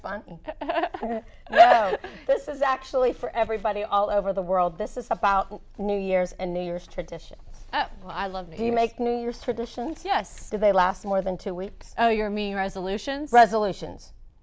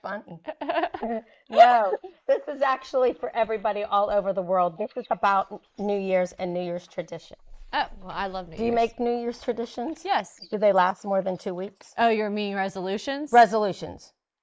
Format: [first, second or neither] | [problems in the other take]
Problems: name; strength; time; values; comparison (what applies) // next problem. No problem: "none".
first | noise reduction (neural mask model Resemble Enhance denoiser)